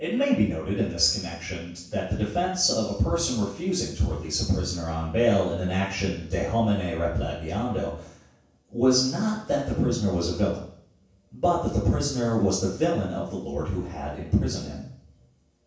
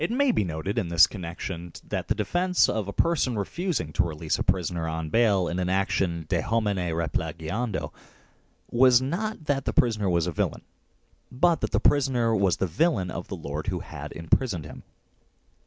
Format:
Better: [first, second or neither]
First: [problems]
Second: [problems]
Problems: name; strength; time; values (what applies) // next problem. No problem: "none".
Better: second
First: room echo; dies away in 0.7 s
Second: none